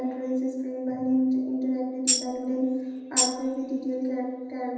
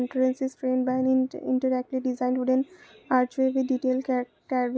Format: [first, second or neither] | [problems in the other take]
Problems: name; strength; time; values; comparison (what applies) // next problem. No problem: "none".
second | background sound (Tambourine); as loud as the speech // room echo; dies away in 1.1 s